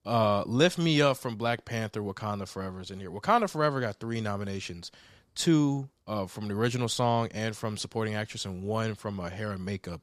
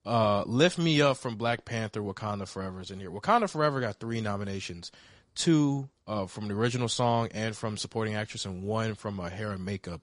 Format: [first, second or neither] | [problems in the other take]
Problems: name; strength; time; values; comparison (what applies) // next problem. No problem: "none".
first | garbled, watery; slightly; nothing above 10.5 kHz